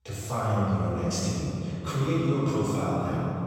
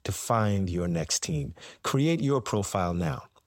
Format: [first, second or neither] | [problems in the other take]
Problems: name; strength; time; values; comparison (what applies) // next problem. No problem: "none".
second | off-mic speech; far // room echo; strong; dies away in 3 s